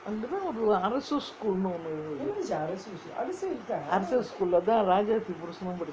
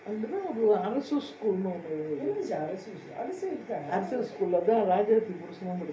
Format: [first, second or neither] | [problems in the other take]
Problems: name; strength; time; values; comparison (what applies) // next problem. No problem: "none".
first | room echo; dies away in 0.3 s